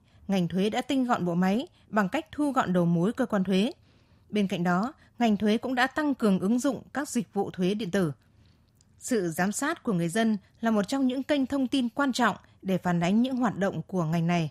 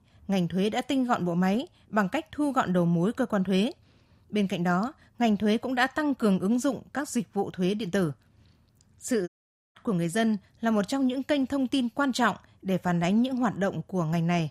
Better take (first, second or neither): first